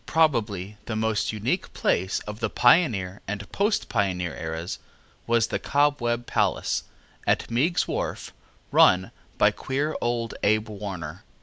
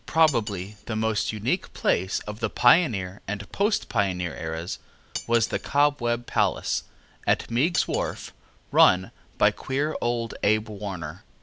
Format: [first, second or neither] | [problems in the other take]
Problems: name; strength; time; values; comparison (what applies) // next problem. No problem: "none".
first | background sound (Cutlery, silverware); 17 dB below the speech